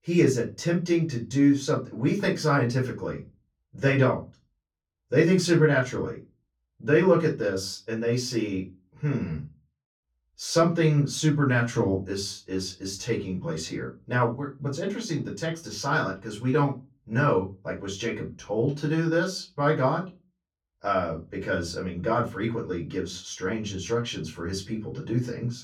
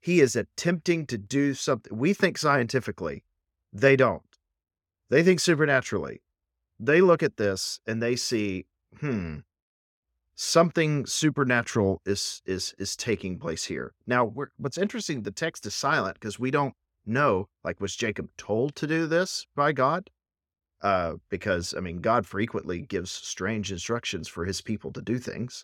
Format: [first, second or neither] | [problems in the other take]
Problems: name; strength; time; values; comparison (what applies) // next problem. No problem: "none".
second | off-mic speech; far // room echo; very slight; dies away in 0.2 s